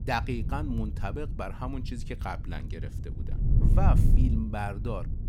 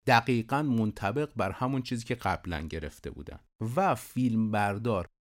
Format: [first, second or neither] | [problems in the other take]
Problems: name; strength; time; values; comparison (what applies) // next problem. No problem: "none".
second | wind noise on the microphone; heavy; 8 dB below the speech